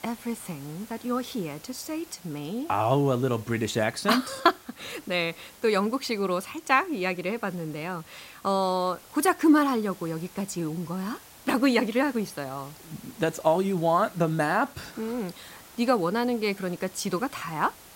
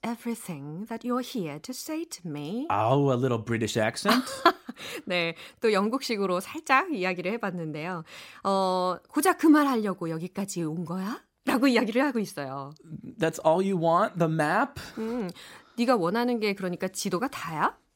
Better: second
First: hiss; faint; throughout; 20 dB below the speech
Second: none

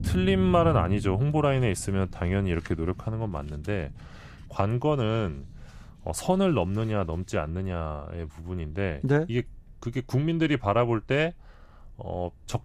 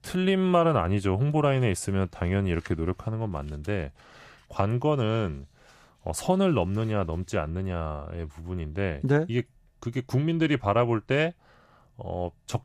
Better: second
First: low rumble; faint; throughout; 20 dB below the speech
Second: none

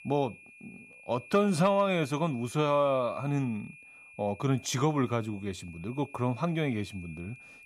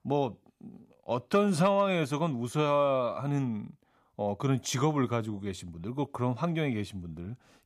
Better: second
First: high-pitched whine; noticeable; throughout; 2.5 kHz, 20 dB below the speech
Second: none

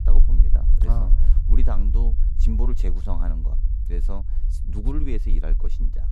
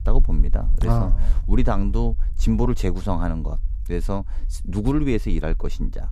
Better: second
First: low rumble; loud; throughout; 7 dB below the speech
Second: low rumble; faint; throughout; 20 dB below the speech

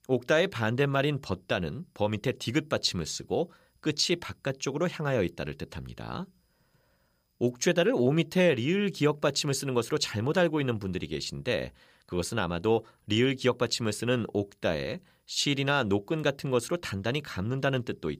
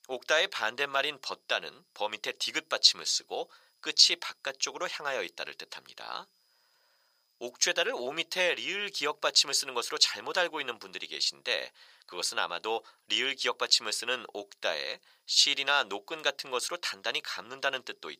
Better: first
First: none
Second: thin; very; fading below 850 Hz

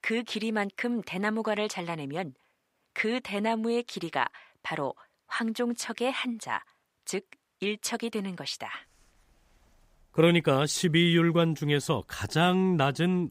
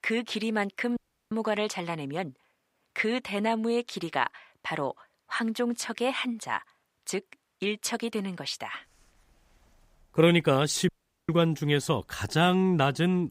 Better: first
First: none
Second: audio cutting out; at 1 s and at 11 s

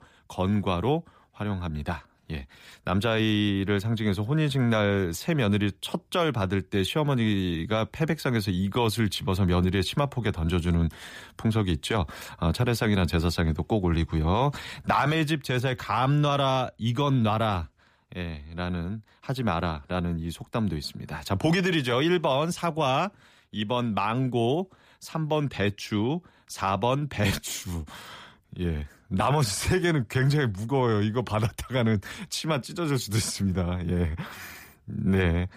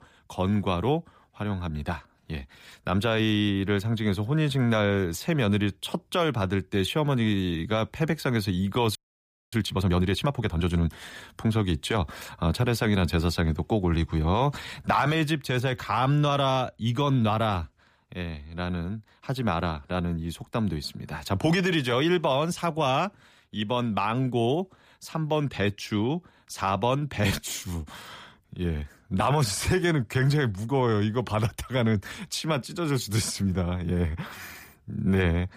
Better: first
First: none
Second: audio freezing; at 9 s for 0.5 s

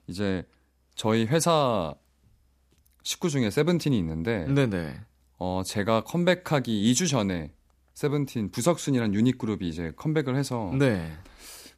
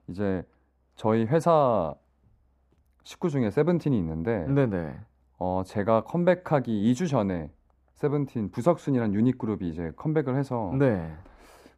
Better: first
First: none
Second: muffled; very; fading above 2.5 kHz

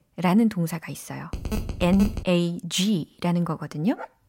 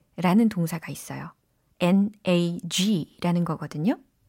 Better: second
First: phone ringing; noticeable; at 1.5 s; peak 7 dB below the speech // dog barking; faint; at 4 s; peak 15 dB below the speech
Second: none

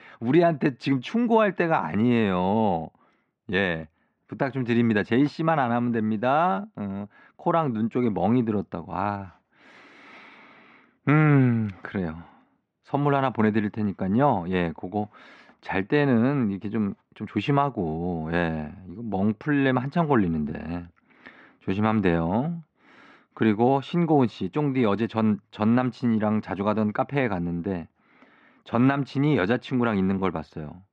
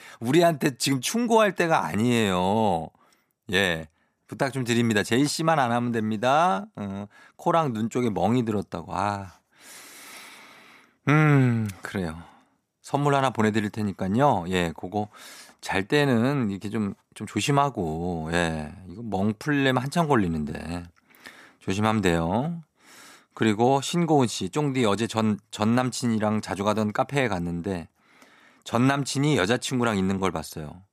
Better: second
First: muffled; very; fading above 3 kHz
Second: none

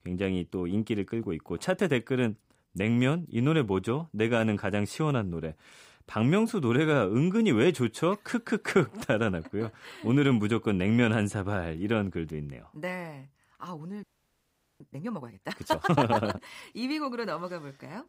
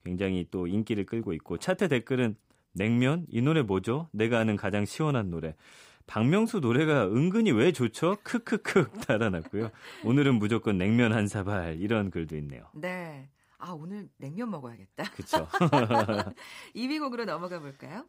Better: second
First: audio freezing; at 14 s for 1 s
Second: none

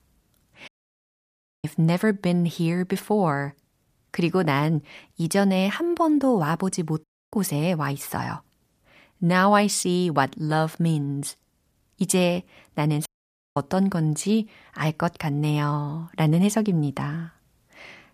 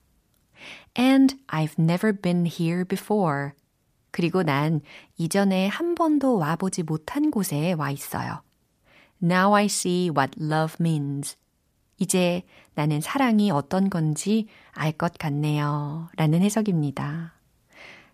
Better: second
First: audio cutting out; at 0.5 s for 1 s, at 7 s and at 13 s for 0.5 s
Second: none

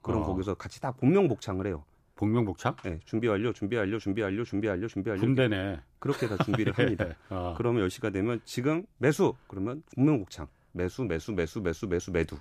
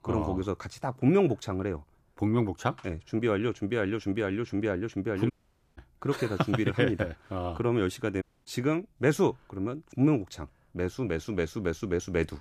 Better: first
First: none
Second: audio cutting out; at 5.5 s and at 8 s

